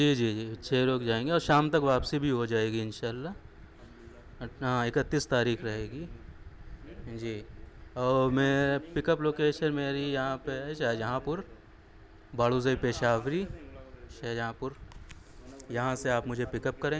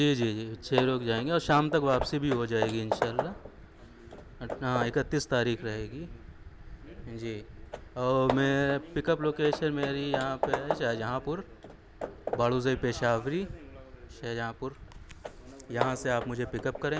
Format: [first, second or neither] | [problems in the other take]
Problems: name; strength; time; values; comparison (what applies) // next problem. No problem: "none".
first | background sound (Hammer / Wood); 8 dB below the speech